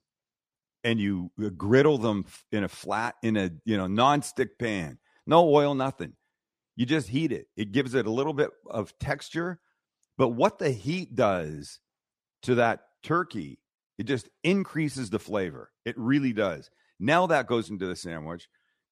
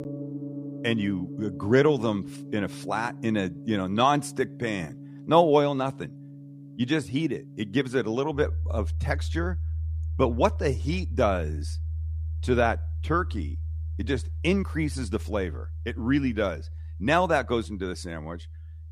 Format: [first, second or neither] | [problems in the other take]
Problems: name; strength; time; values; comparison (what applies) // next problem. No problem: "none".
first | background music; loud; throughout; 9 dB below the speech